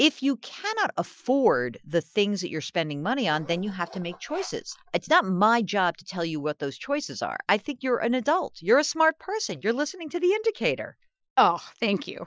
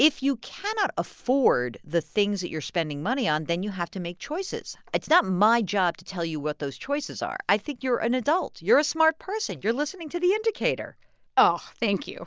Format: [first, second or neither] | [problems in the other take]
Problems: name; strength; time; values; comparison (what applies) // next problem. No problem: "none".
second | noise reduction (classical method Wiener filter)